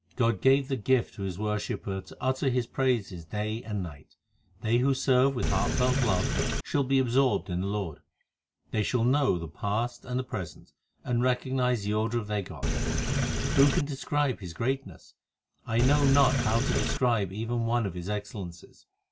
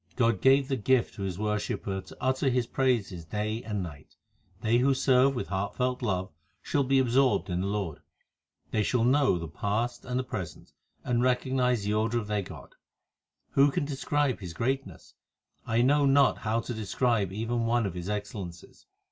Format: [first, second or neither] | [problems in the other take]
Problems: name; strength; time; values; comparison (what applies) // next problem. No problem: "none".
second | background sound (Sink (filling or washing)); 1 dB above the speech